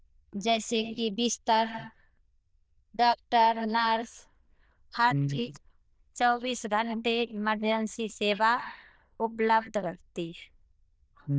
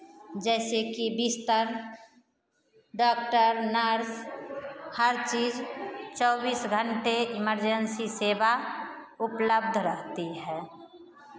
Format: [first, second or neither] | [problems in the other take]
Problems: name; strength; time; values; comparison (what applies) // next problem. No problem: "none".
second | noise reduction (neural diffusion model UNIVERSE++)